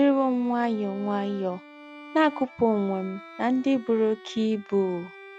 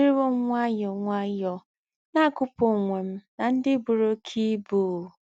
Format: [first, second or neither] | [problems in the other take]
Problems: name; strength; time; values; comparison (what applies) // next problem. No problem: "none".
second | background sound (Bowed string instrument); 19 dB below the speech